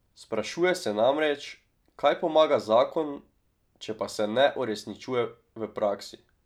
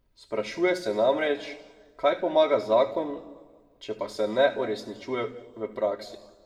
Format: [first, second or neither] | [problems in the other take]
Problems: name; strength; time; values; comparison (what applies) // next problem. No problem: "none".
first | room echo; dies away in 1.1 s